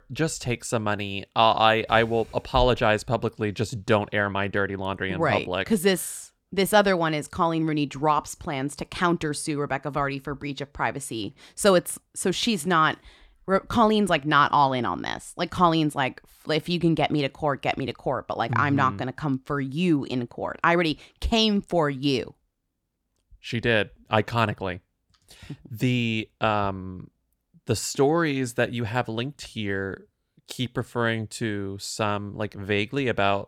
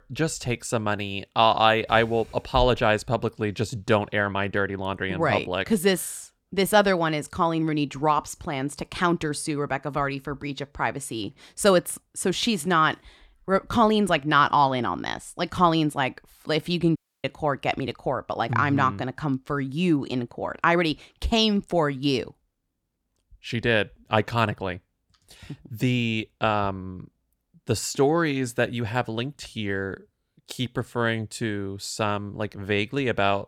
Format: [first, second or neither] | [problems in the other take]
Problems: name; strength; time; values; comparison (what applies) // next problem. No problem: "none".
first | audio cutting out; at 17 s